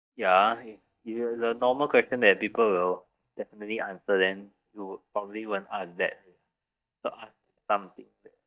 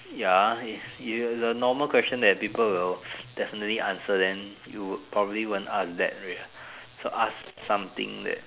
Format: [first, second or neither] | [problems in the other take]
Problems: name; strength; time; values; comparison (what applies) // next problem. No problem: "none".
second | noise reduction (neural mask model DeepFilterNet 3)